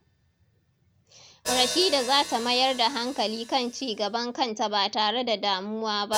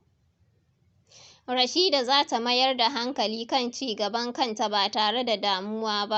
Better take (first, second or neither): second